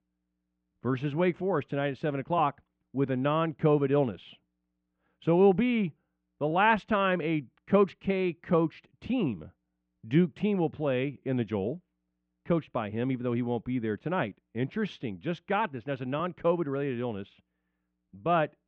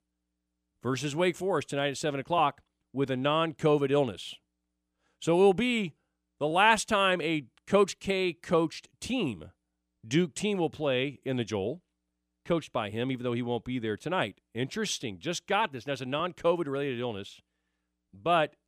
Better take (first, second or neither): second